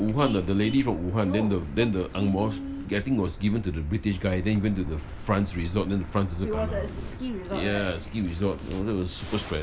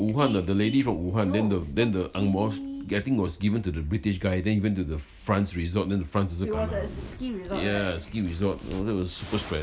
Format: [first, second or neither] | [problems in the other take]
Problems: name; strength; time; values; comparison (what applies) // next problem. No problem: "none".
second | background sound (Car); 13 dB below the speech